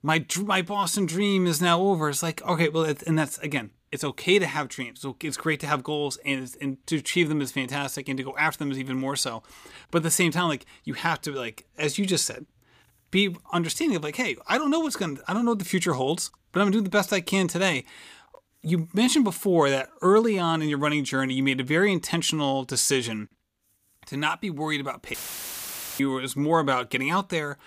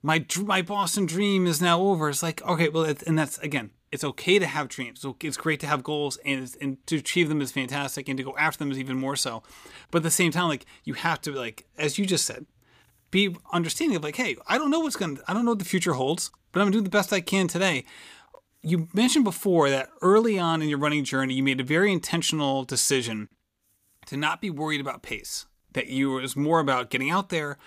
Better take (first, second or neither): second